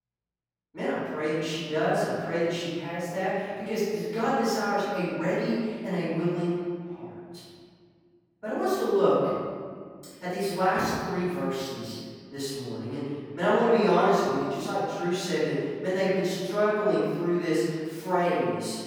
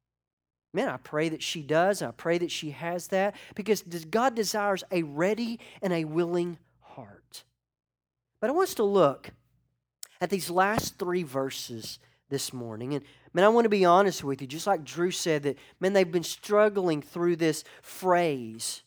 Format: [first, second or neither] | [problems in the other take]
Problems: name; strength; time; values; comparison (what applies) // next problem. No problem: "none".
second | off-mic speech; far // room echo; strong; dies away in 1.8 s